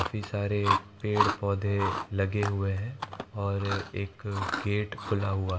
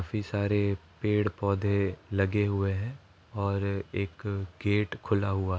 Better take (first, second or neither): second